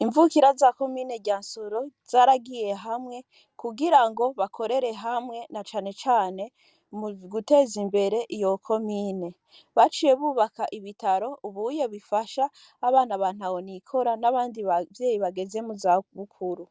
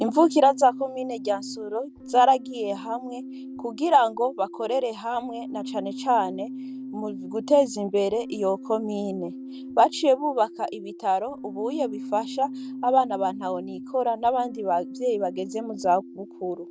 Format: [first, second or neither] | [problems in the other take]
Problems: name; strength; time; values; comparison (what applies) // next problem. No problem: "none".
first | background sound (Keyboard (musical)); 12 dB below the speech